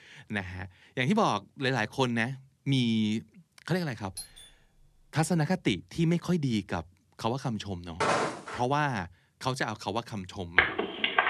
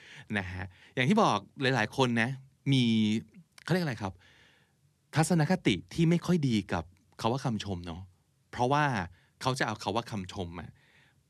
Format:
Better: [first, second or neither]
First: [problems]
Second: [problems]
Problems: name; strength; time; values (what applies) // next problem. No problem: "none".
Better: second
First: doorbell; faint; at 4 s; peak 10 dB below the speech // footsteps; loud; at 8 s; peak 3 dB above the speech // phone ringing; loud; at 11 s; peak 6 dB above the speech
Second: none